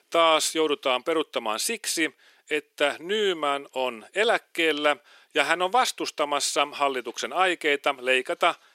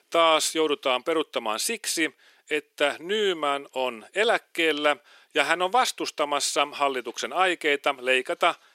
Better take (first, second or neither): neither